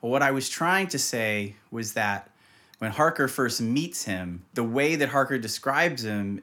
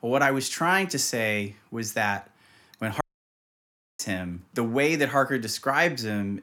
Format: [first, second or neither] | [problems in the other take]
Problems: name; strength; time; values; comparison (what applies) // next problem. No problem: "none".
first | audio cutting out; at 3 s for 1 s